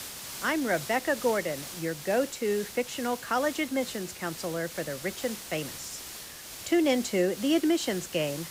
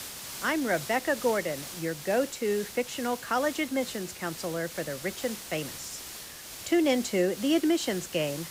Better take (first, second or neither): neither